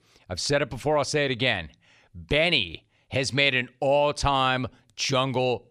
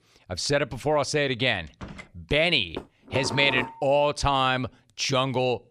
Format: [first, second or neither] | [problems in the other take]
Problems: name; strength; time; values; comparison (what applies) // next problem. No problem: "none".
first | door banging; faint; at 1.5 s; peak 20 dB below the speech // clattering dishes; noticeable; at 3 s; peak 7 dB below the speech